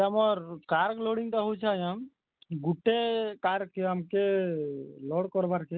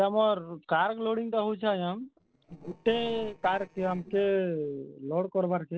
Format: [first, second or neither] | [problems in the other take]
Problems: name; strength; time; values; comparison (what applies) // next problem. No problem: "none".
first | noise reduction (neural separator model SepFormer DNS4)